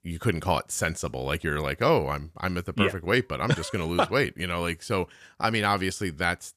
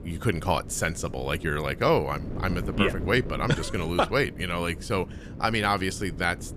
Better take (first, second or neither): first